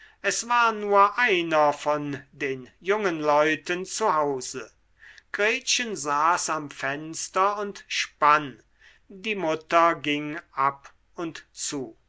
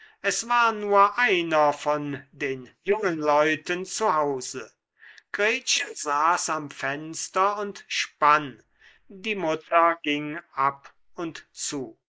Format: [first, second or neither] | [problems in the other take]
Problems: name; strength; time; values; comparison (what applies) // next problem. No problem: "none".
first | noise reduction (neural mask model Resemble Enhance denoiser)